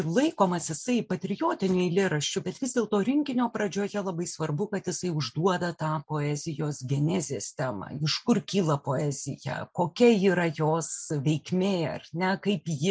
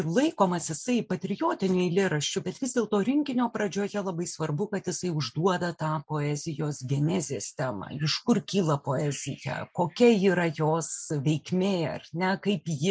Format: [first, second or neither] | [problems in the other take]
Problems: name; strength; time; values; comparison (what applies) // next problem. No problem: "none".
first | noise reduction (neural mask model Resemble Enhance denoiser)